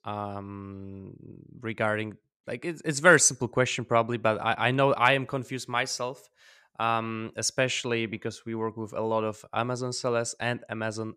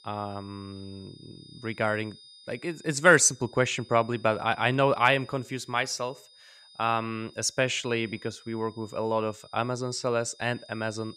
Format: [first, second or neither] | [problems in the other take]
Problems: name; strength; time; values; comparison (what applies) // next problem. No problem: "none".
first | high-pitched whine; faint; throughout; 5 kHz, 25 dB below the speech